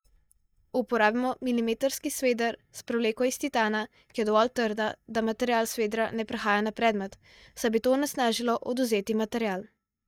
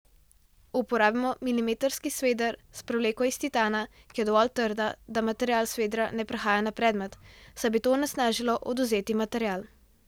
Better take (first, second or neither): second